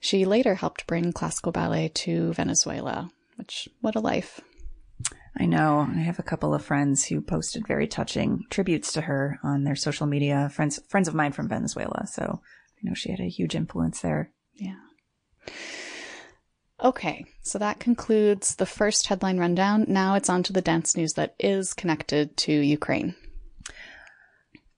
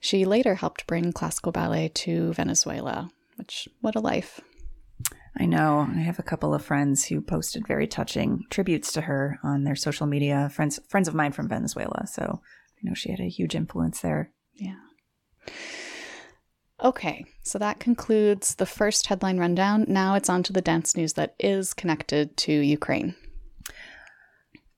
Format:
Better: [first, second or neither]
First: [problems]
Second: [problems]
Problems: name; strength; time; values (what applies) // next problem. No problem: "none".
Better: second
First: garbled, watery; slightly; nothing above 9 kHz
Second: none